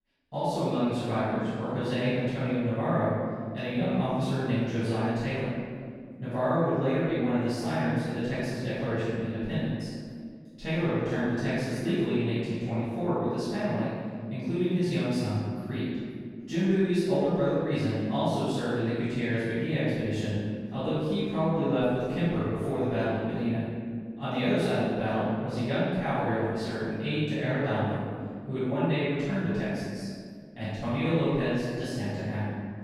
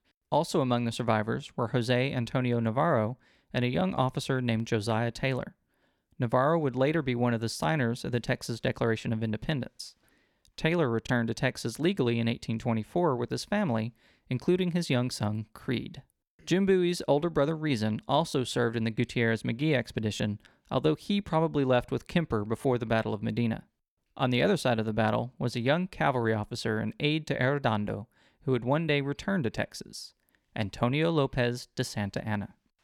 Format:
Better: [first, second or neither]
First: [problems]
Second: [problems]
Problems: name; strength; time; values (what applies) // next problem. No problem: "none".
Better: second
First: off-mic speech; far // room echo; strong; dies away in 2.1 s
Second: none